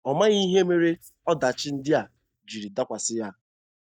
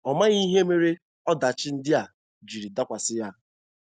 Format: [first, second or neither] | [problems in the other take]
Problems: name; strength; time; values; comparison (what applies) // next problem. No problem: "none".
second | noise reduction (neural mask model DeepFilterNet 3)